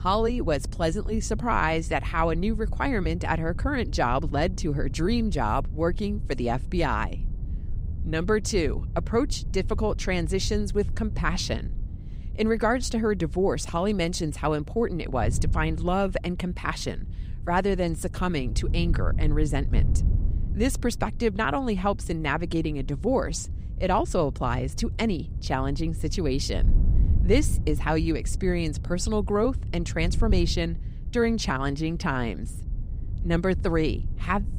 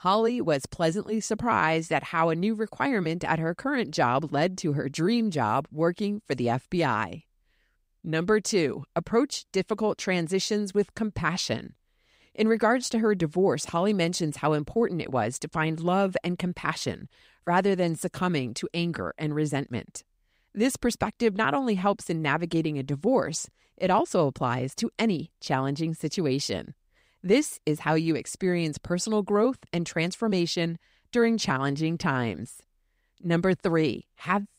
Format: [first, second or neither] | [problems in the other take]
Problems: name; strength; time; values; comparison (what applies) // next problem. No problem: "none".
second | wind noise on the microphone; occasional gusts; 20 dB below the speech